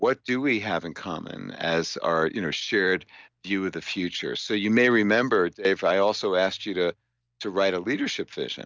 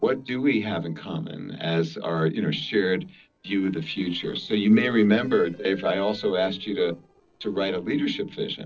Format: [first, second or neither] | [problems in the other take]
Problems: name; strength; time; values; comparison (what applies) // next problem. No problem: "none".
first | noise reduction (neural separator model SepFormer DNS4)